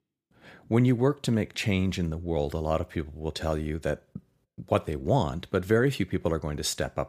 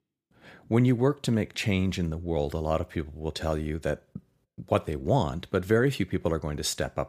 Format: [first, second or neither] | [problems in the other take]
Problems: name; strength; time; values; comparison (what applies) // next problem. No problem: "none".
neither | none